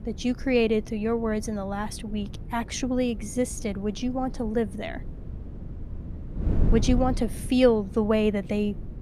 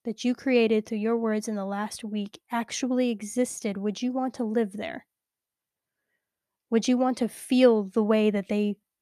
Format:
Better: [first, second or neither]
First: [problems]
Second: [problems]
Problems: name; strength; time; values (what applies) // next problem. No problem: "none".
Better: second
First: wind noise on the microphone; occasional gusts; 15 dB below the speech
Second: none